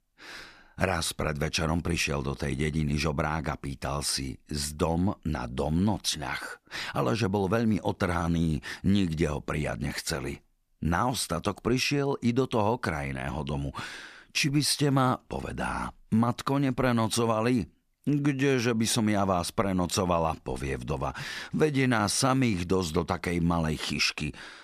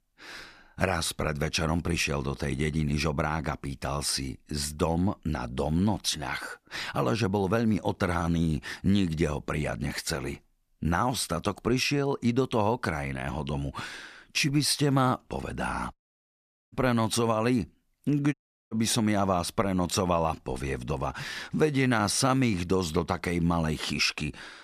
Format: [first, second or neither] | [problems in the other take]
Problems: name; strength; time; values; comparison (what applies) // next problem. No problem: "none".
first | audio cutting out; at 16 s for 1 s and at 18 s